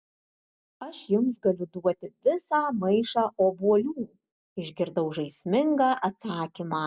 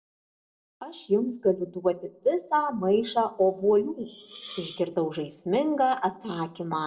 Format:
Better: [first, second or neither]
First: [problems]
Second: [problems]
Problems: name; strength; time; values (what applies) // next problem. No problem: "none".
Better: first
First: none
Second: noise reduction (neural separator model SepFormer DNS4)